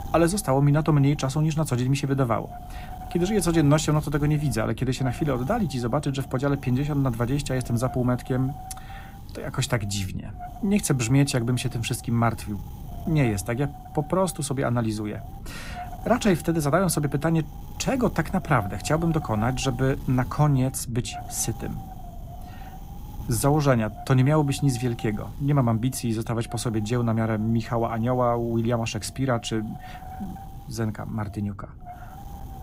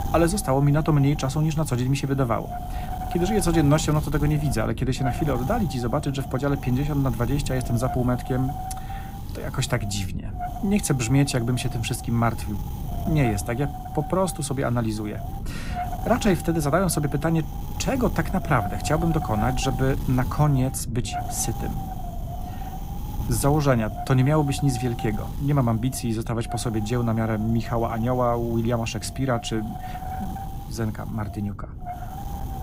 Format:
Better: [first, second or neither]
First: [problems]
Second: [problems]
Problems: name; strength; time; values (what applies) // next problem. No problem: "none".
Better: first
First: wind noise on the microphone; occasional gusts; 15 dB below the speech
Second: wind noise on the microphone; heavy; 9 dB below the speech